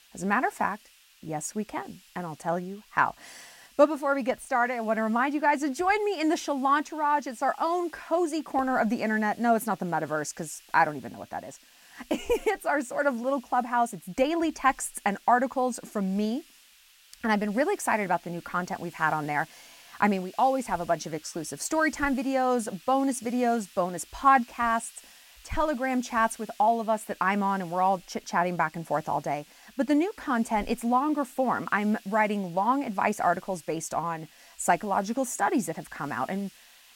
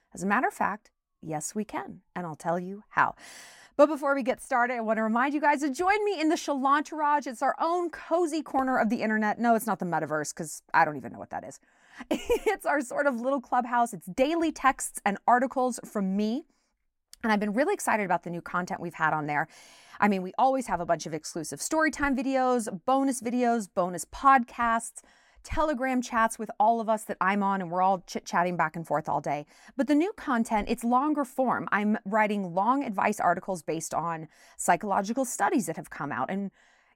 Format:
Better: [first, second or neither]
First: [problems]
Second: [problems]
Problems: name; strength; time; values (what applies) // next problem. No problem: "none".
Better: second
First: hiss; faint; throughout; 25 dB below the speech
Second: none